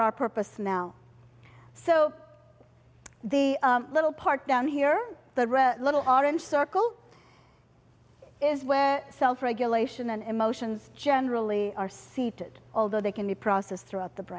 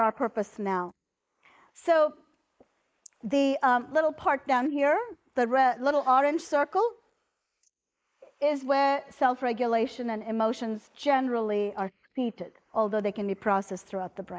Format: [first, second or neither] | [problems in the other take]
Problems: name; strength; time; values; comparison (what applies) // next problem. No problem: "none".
first | noise reduction (neural mask model Resemble Enhance denoiser)